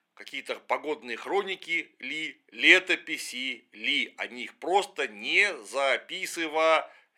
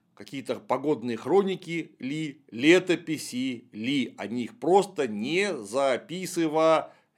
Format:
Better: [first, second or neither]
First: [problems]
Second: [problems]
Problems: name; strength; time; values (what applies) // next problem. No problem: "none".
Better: second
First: thin; somewhat; fading below 500 Hz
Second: none